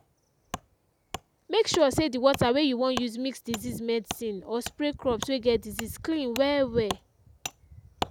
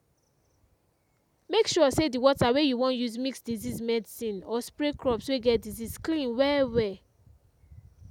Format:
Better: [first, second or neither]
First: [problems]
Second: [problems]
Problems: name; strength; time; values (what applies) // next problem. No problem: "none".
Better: second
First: background sound (Wood); 13 dB below the speech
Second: none